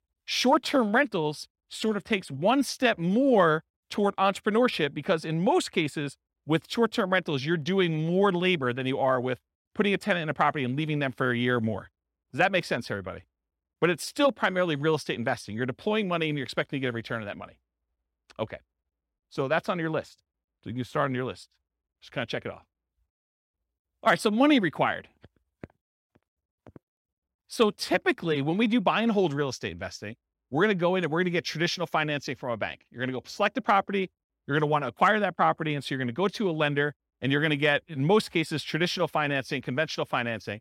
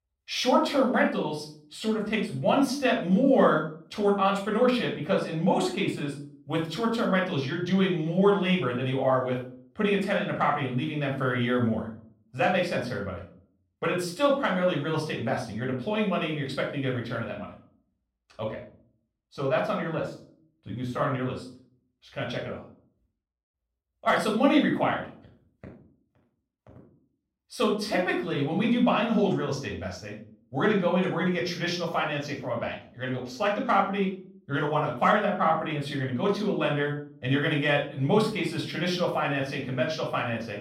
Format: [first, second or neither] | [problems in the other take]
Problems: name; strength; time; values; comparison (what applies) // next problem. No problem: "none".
first | off-mic speech; far // room echo; slight; dies away in 0.4 s